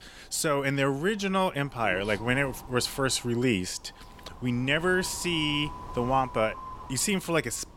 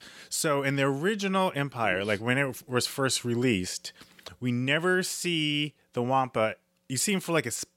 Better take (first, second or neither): second